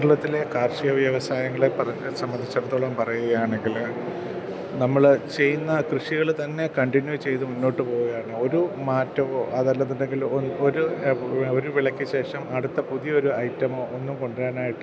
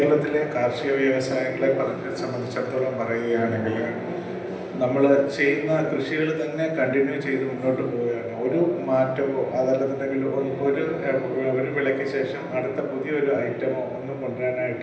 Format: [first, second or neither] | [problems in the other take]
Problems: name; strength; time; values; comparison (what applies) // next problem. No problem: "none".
first | room echo; dies away in 0.9 s